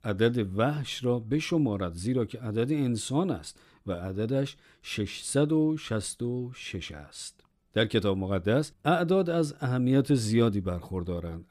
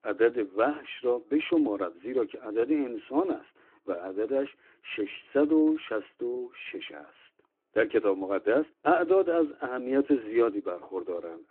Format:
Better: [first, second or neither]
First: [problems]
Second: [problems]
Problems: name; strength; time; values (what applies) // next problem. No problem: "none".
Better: first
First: none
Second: phone-call audio